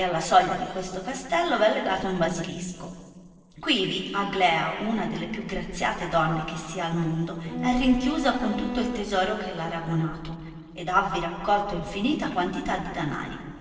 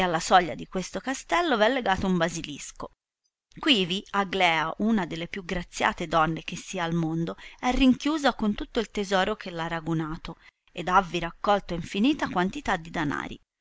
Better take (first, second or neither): second